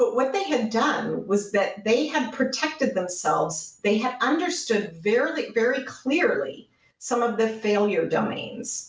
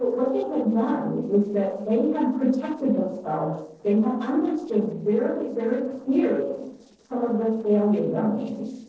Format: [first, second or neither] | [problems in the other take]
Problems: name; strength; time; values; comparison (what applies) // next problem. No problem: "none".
first | noise reduction (neural separator model SepFormer DNS4)